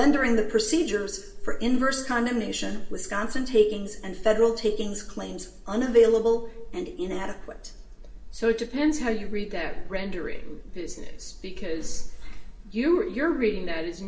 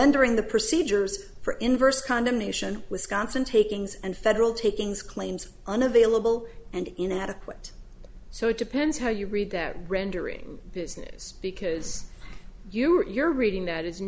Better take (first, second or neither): second